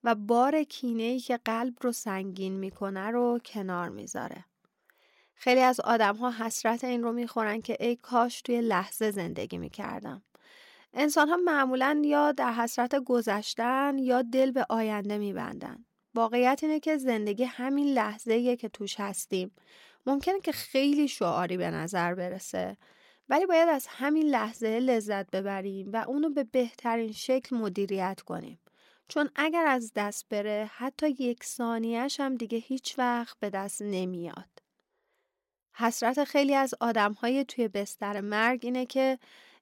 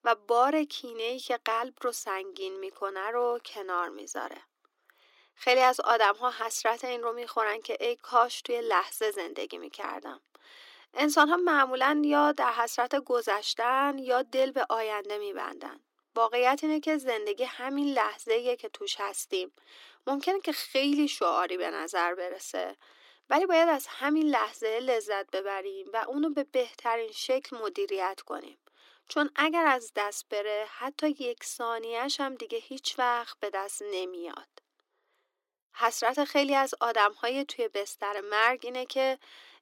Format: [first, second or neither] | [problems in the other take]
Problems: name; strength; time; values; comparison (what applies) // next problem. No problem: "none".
first | thin; very slightly; fading below 300 Hz